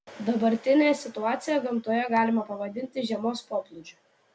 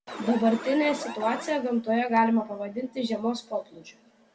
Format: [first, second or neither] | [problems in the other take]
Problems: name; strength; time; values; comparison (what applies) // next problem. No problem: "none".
first | background sound (Alarm); 10 dB below the speech // room echo; dies away in 1.5 s